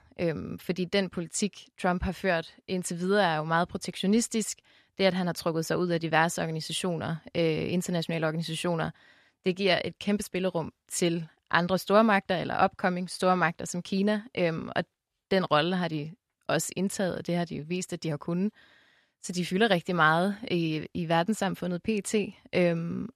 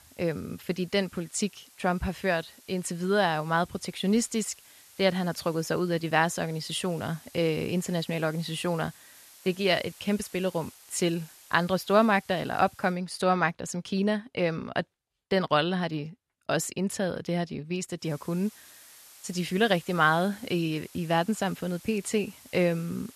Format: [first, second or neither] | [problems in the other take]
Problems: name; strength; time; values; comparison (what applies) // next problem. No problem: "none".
first | hiss; faint; until 13 s and from 18 s on; 20 dB below the speech